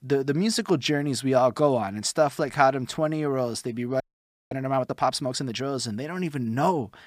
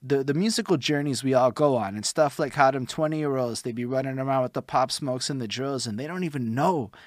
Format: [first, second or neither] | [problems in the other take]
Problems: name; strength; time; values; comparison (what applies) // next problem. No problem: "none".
second | audio freezing; at 4 s for 0.5 s